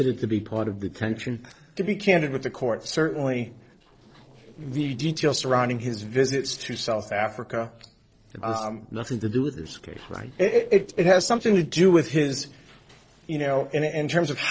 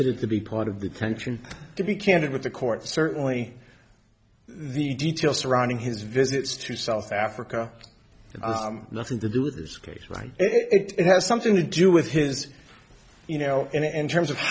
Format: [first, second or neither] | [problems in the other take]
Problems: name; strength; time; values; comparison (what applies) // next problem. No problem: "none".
second | noise reduction (neural separator model SepFormer DNS4)